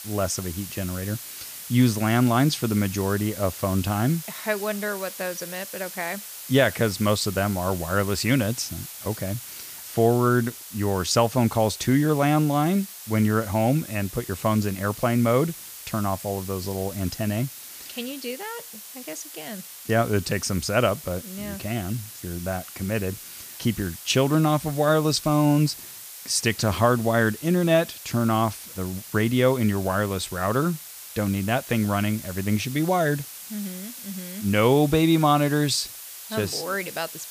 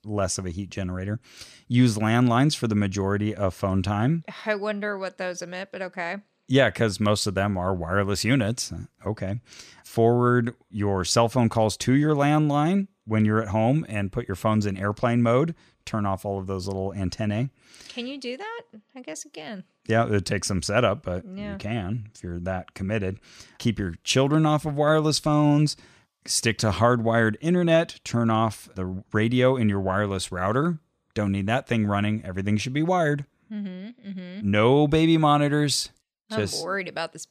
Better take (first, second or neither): second